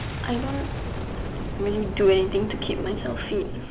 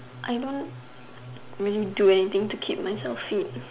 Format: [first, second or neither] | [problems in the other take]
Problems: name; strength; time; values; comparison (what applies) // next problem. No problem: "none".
second | background sound (Boom); 4 dB below the speech